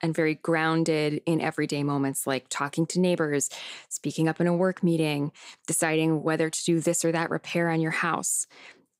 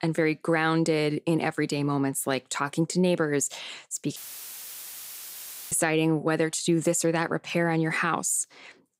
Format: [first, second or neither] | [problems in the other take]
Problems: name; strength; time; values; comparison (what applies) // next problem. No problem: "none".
first | audio cutting out; filled with static; at 4 s for 1.5 s